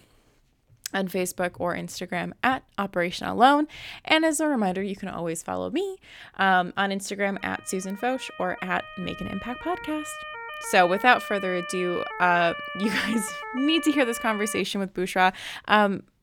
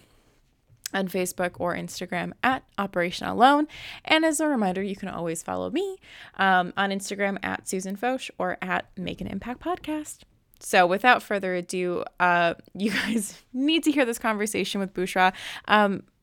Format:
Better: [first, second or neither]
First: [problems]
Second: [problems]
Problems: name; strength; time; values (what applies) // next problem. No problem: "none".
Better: second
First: siren; noticeable; from 7.5 to 15 s; peak 8 dB below the speech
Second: none